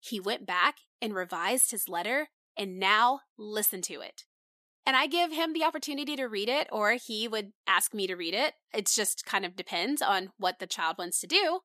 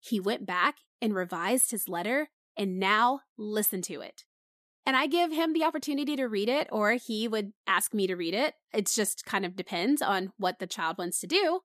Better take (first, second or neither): second